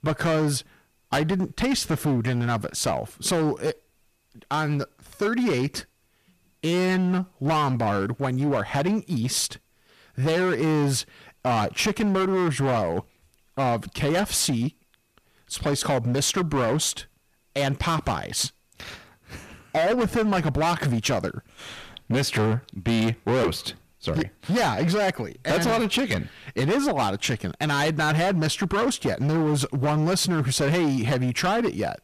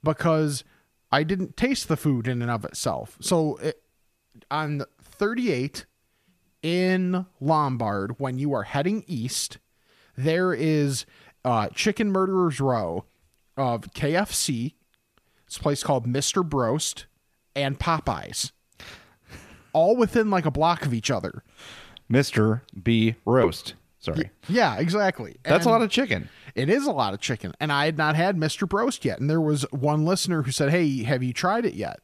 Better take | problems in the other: second | distortion; heavy; 17% of the sound clipped

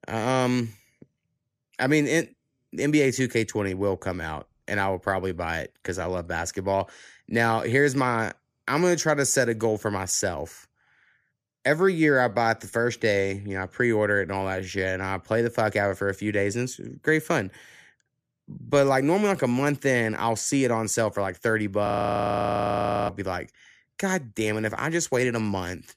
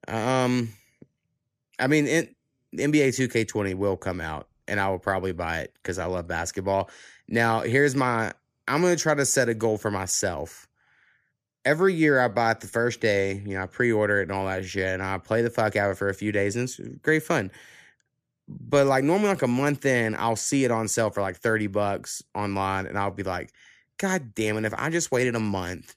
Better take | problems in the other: second | audio freezing; at 22 s for 1 s

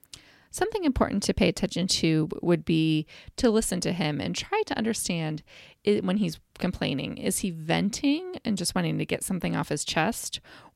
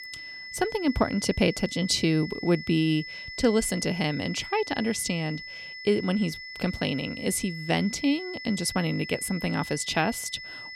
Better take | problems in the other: first | high-pitched whine; noticeable; throughout; 2 kHz, 10 dB below the speech

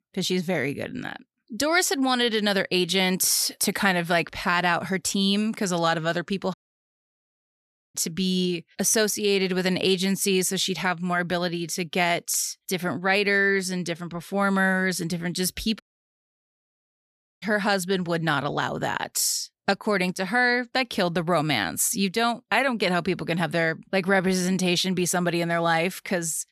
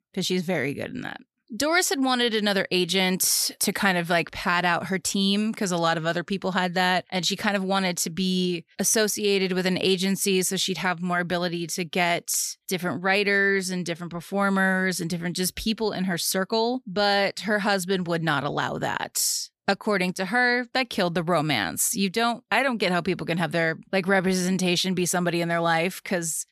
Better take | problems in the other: second | audio cutting out; at 6.5 s for 1.5 s and at 16 s for 1.5 s

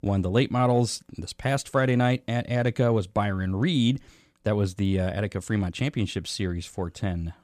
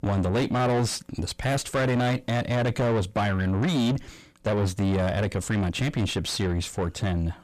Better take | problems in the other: first | distortion; heavy; 4 dB below the speech

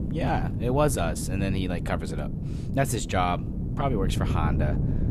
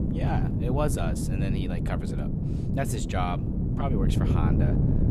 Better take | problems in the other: first | wind noise on the microphone; heavy; 2 dB below the speech; occasional gusts in the first

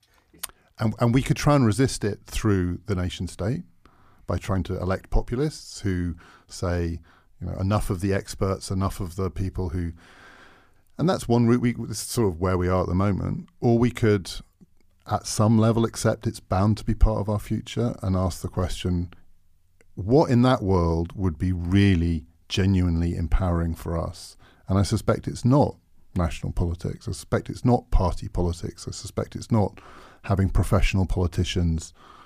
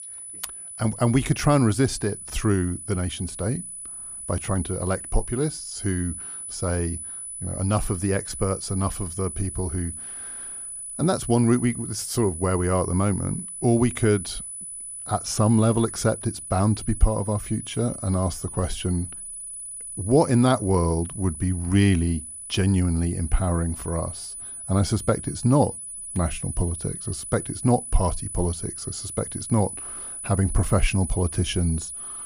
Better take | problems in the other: first | high-pitched whine; loud; throughout; 10 kHz, 8 dB below the speech

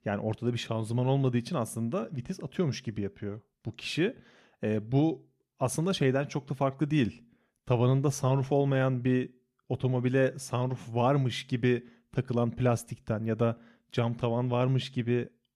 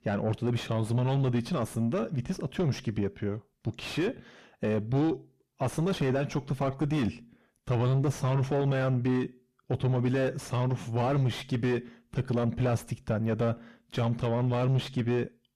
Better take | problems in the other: first | distortion; heavy; 7 dB below the speech

